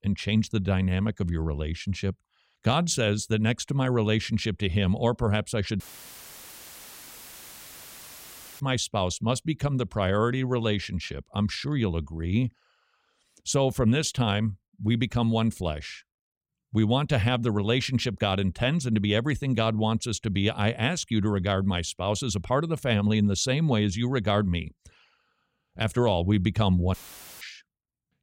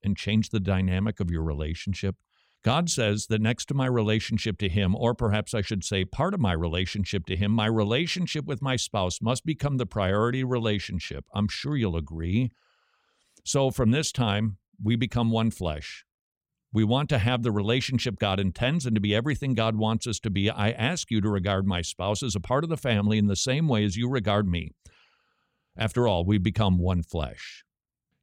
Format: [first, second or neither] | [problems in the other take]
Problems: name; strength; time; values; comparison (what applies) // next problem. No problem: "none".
second | audio cutting out; filled with static; at 6 s for 3 s and at 27 s